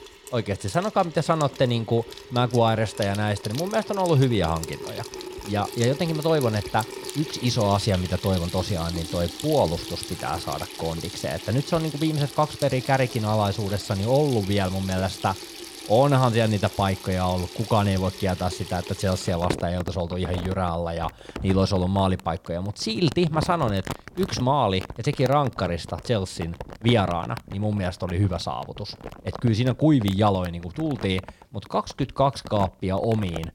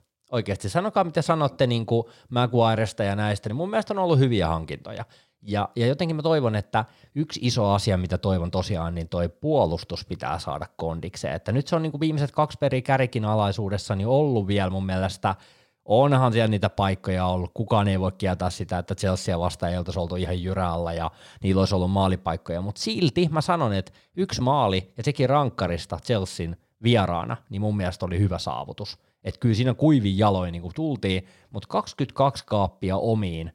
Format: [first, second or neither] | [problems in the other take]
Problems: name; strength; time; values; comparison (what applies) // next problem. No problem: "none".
second | household noises; noticeable; throughout; 10 dB below the speech